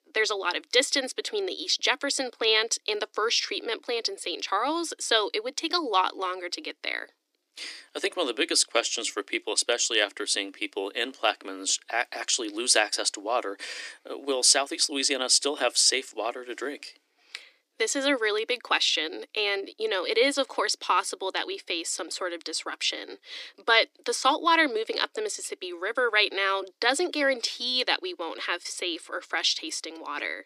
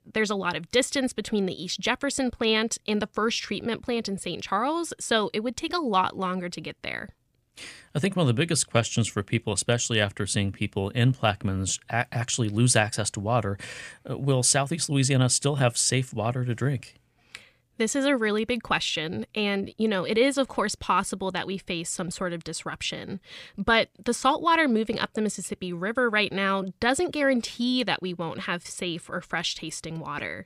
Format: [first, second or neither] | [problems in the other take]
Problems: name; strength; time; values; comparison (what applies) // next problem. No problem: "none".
second | thin; somewhat; fading below 300 Hz